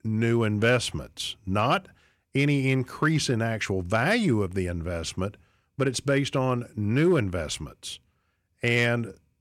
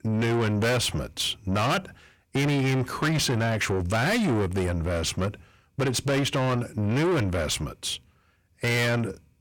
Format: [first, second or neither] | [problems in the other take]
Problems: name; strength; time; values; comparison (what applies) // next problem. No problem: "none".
first | distortion; heavy; 7 dB below the speech